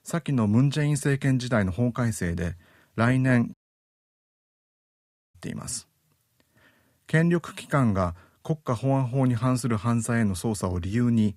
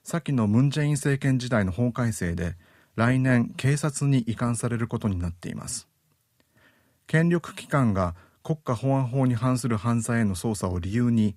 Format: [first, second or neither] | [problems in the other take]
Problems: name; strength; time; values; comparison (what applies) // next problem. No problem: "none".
second | audio cutting out; at 3.5 s for 2 s